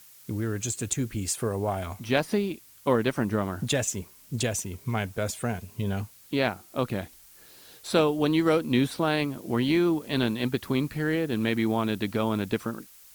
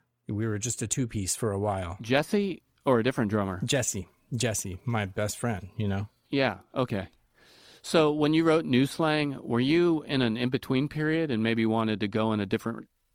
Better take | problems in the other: second | hiss; faint; throughout; 20 dB below the speech

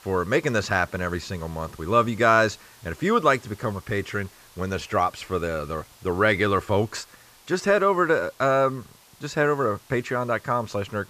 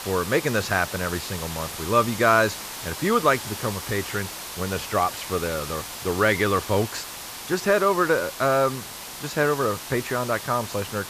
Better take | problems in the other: first | hiss; loud; throughout; 9 dB below the speech; faint in the first

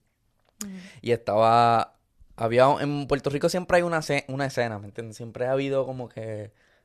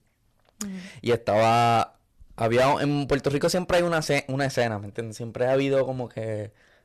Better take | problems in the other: first | distortion; heavy; 8% of the sound clipped

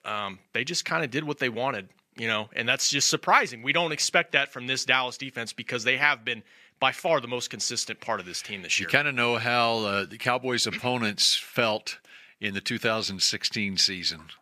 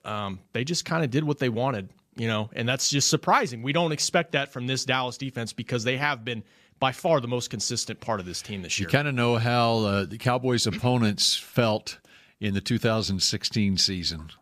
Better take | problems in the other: second | thin; somewhat; fading below 400 Hz

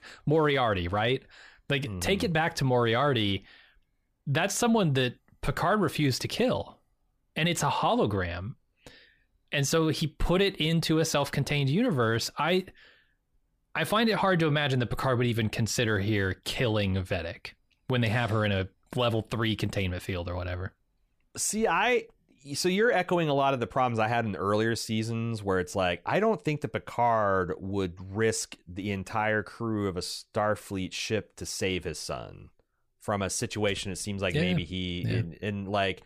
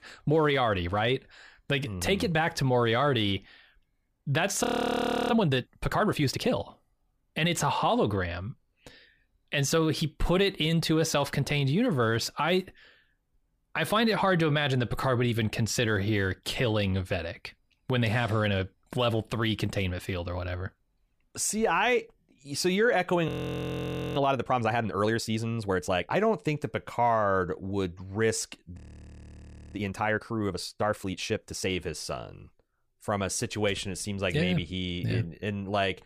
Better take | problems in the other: first | audio freezing; at 4.5 s for 0.5 s, at 23 s for 1 s and at 29 s for 1 s

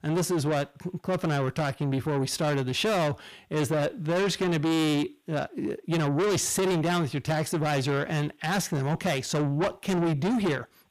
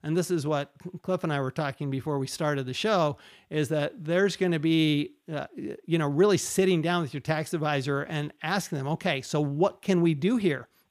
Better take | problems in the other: second | distortion; heavy; 7 dB below the speech

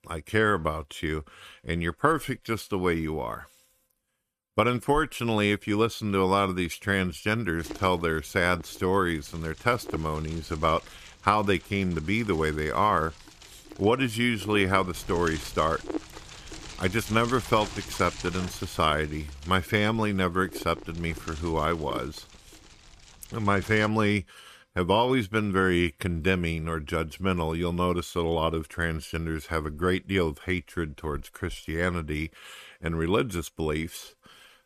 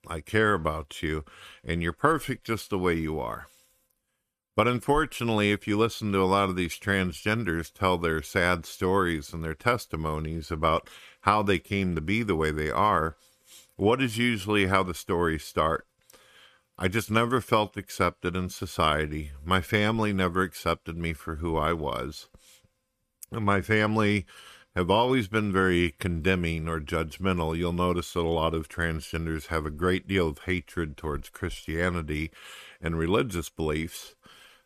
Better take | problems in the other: second | wind noise on the microphone; occasional gusts; from 7.5 to 24 s; 15 dB below the speech

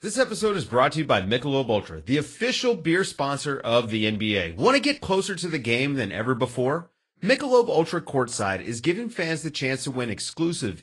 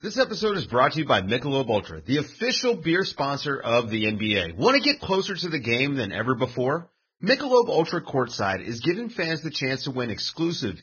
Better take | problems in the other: first | garbled, watery; badly; nothing above 6.5 kHz; slightly in the first

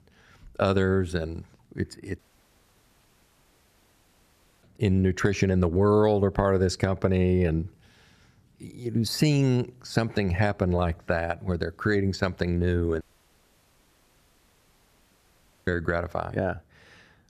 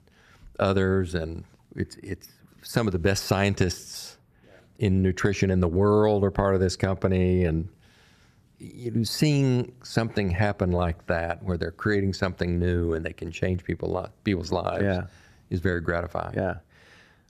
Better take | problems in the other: second | audio cutting out; at 2 s for 2.5 s and at 13 s for 2.5 s

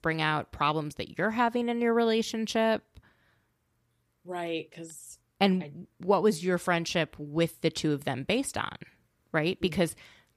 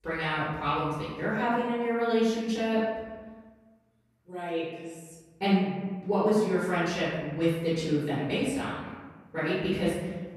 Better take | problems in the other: first | room echo; strong; dies away in 1.3 s // off-mic speech; far

